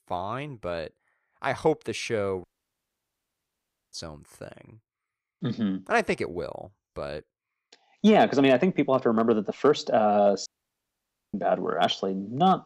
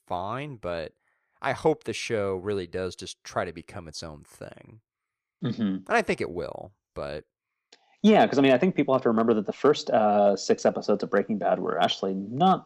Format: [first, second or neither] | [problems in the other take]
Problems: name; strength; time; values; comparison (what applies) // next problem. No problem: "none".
second | audio cutting out; at 2.5 s for 1.5 s and at 10 s for 1 s